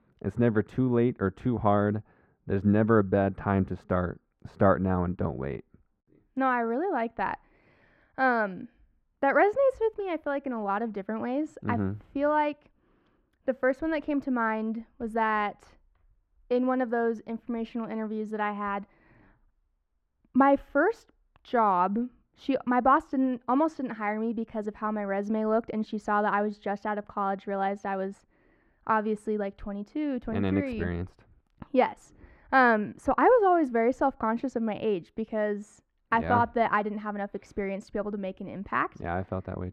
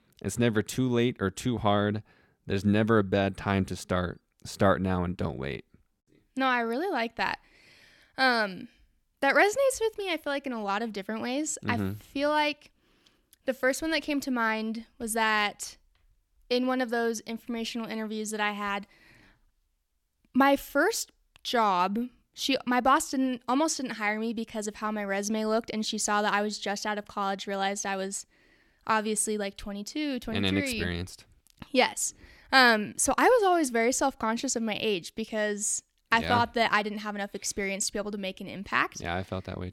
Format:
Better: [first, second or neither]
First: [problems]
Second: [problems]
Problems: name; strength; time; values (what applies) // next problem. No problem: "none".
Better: second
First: muffled; very; fading above 3 kHz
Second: none